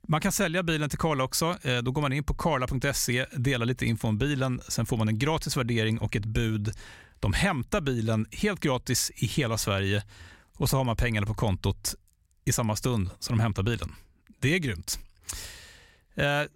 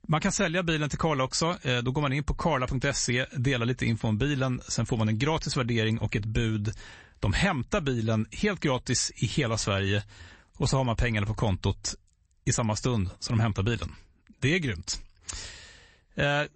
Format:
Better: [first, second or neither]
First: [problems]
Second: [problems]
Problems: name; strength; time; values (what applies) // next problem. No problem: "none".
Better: first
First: none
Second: garbled, watery; slightly; nothing above 8 kHz